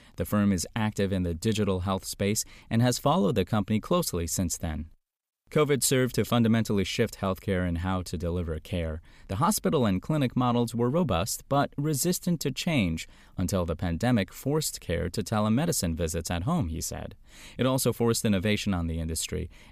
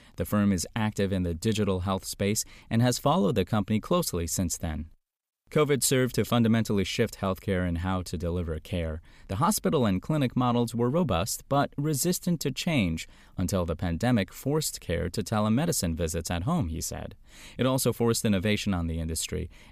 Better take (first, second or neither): neither